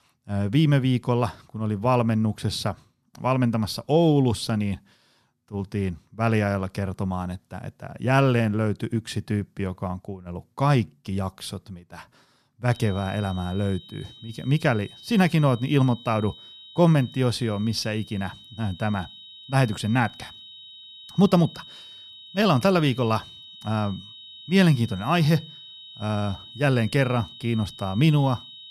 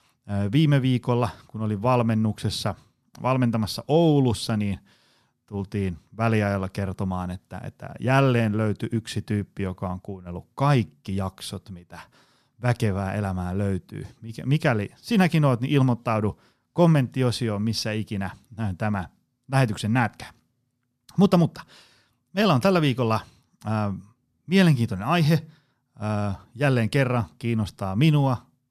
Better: second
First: high-pitched whine; noticeable; from 13 s on; 4 kHz, 20 dB below the speech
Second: none

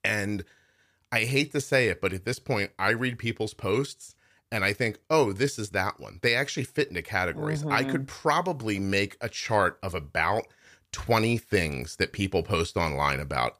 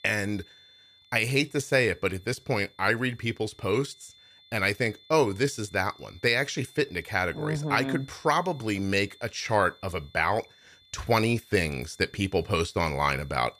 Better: first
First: none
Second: high-pitched whine; faint; throughout; 3.5 kHz, 25 dB below the speech

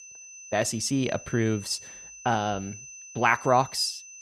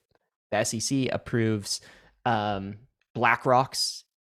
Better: second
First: high-pitched whine; noticeable; throughout; 6 kHz, 15 dB below the speech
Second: none

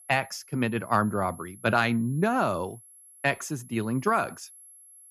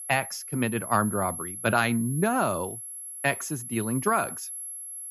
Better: first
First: high-pitched whine; faint; throughout; 11 kHz, 20 dB below the speech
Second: high-pitched whine; loud; throughout; 11 kHz, 8 dB below the speech

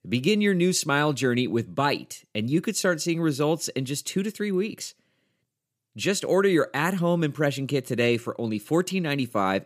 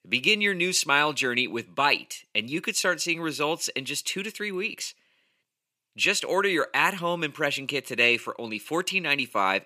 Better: first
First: none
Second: thin; somewhat; fading below 1 kHz

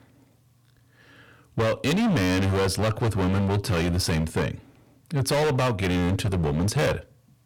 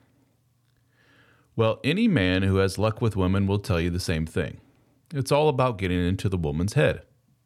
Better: second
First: distortion; heavy; 23% of the sound clipped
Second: none

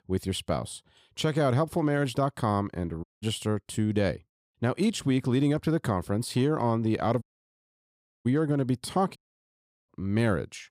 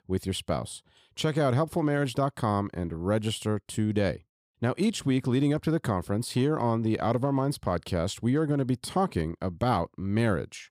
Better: second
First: audio cutting out; at 3 s, at 7 s for 1 s and at 9 s for 0.5 s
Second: none

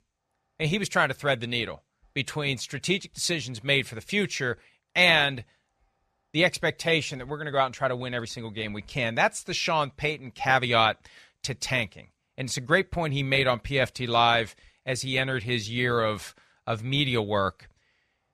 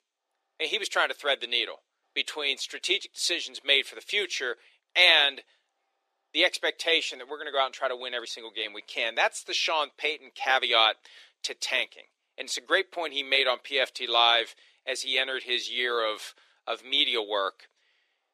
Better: first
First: none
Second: thin; very; fading below 350 Hz

